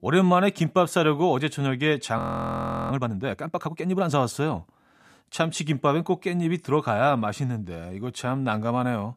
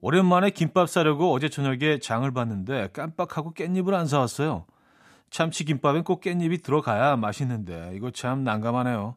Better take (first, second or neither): second